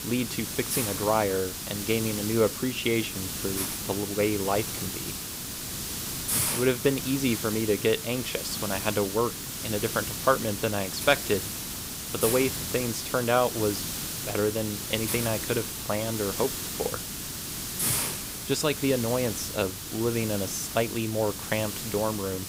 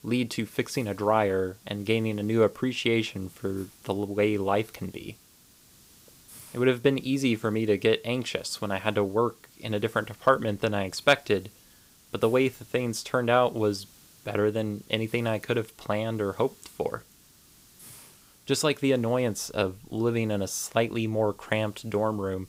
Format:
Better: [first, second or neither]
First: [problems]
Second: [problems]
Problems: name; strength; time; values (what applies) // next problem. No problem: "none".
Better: second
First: hiss; loud; throughout; 3 dB below the speech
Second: hiss; faint; throughout; 25 dB below the speech